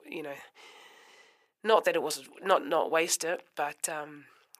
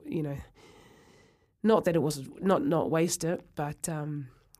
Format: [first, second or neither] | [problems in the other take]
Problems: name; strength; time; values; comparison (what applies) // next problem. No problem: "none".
second | thin; very; fading below 650 Hz